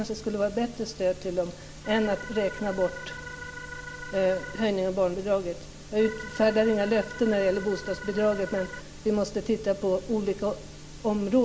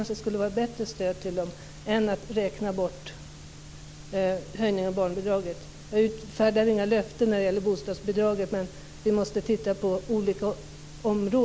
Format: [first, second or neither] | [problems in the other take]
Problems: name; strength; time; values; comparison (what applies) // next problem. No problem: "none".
second | background sound (Organ); 13 dB below the speech // room echo; dies away in 2.2 s